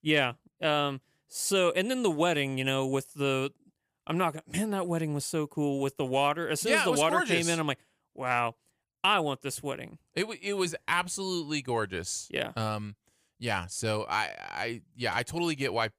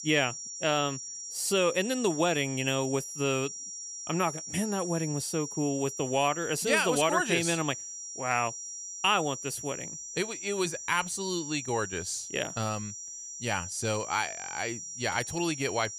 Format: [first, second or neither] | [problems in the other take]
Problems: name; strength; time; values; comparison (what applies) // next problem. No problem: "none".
first | high-pitched whine; loud; throughout; 6 kHz, 8 dB below the speech